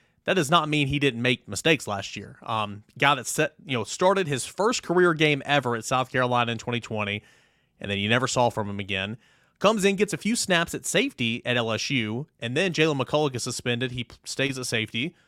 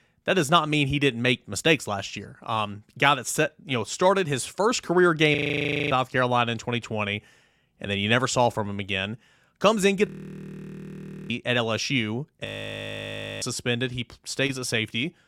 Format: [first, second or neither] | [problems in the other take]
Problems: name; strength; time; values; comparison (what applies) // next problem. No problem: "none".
first | audio freezing; at 5.5 s for 0.5 s, at 10 s for 1 s and at 12 s for 1 s